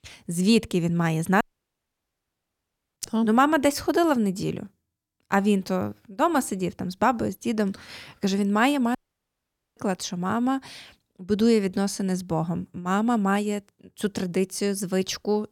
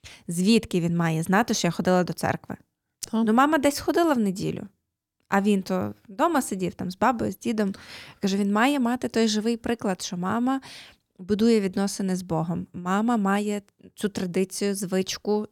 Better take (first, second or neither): second